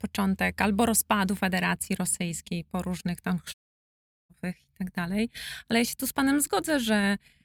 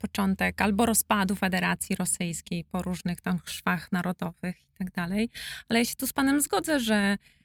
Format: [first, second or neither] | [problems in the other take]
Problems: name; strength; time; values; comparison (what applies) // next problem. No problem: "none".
second | audio cutting out; at 3.5 s for 1 s